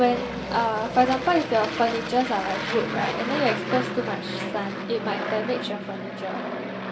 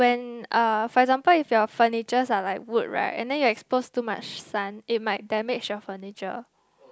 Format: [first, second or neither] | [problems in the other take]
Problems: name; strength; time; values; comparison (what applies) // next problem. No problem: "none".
second | background sound (Aircraft); 4 dB below the speech // room echo; dies away in 2.8 s